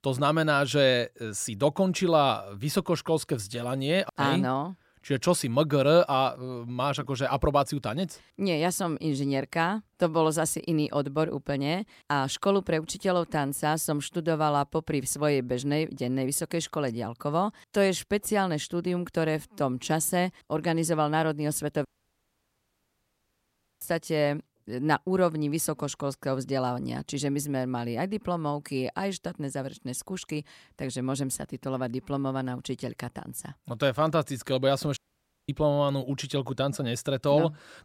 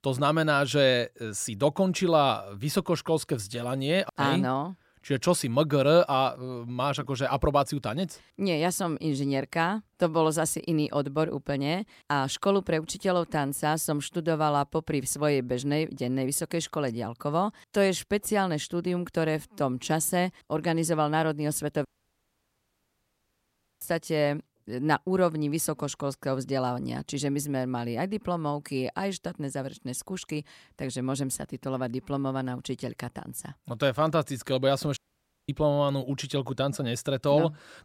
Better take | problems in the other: neither | audio cutting out; at 22 s for 2 s and at 35 s for 0.5 s; the same in both

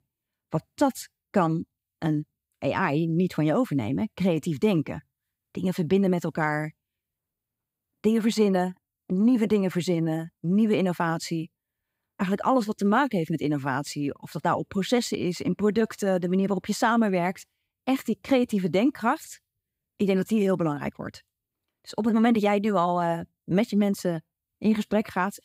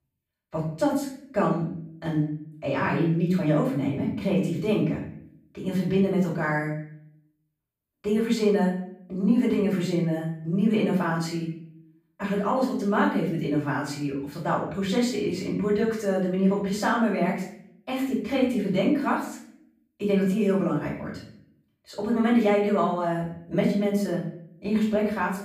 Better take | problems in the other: first | off-mic speech; far // room echo; noticeable; dies away in 0.5 s

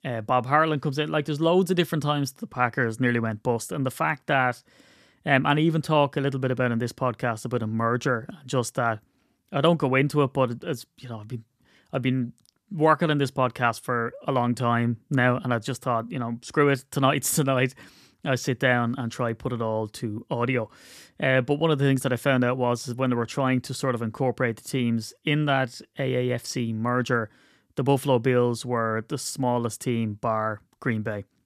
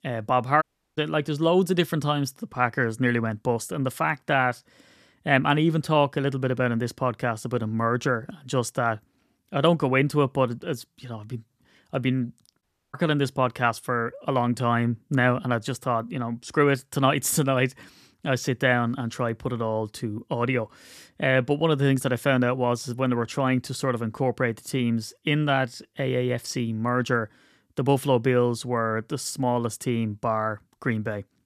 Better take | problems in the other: first | audio cutting out; at 0.5 s and at 13 s

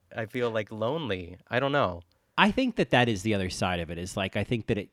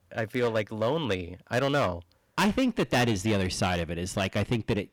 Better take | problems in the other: first | distortion; heavy; 9% of the sound clipped

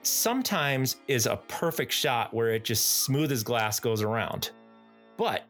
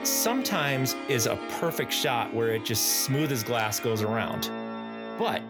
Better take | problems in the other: first | background music; loud; throughout; 9 dB below the speech; faint in the first

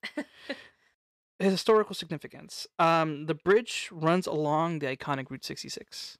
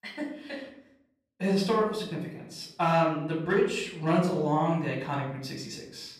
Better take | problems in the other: first | off-mic speech; far // room echo; noticeable; dies away in 0.7 s

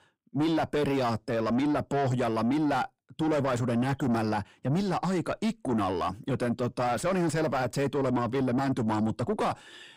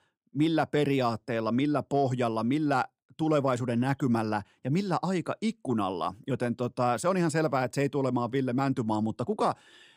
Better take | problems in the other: second | distortion; heavy; 7 dB below the speech

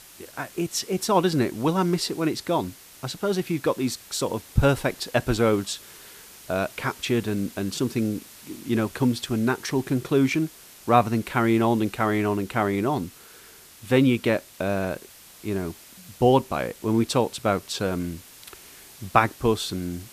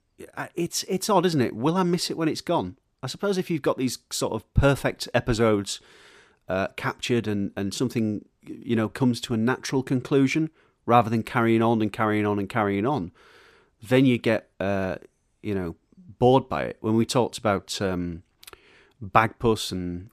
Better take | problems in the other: second | hiss; faint; throughout; 20 dB below the speech

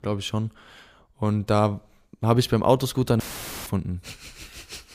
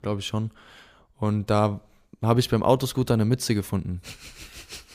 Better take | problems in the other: second | audio cutting out; filled with static; at 3 s

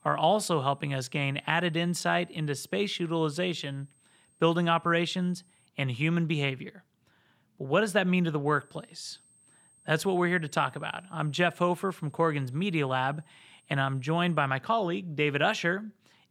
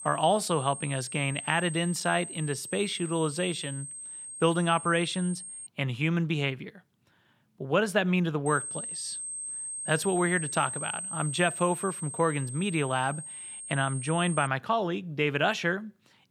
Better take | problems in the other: first | high-pitched whine; loud; until 5.5 s and from 8.5 to 14 s; 8.5 kHz, 8 dB below the speech; faint in the first

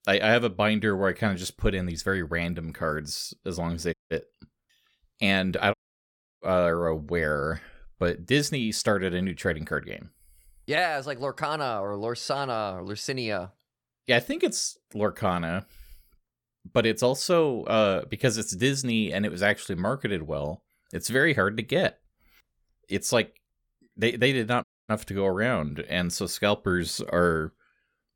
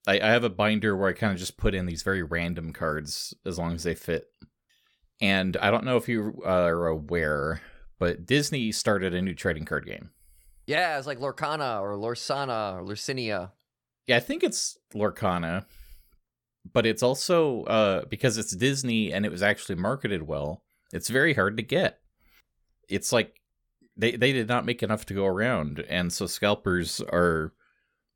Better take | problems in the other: second | audio cutting out; at 4 s, at 5.5 s for 0.5 s and at 25 s

